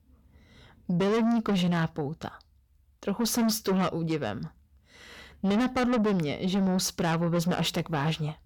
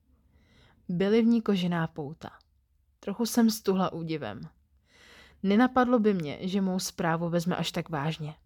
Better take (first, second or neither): second